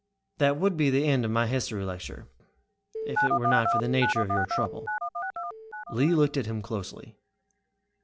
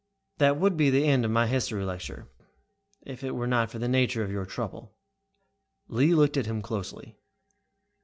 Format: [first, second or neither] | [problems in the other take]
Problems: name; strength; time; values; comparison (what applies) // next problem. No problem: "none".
second | background sound (Telephone); as loud as the speech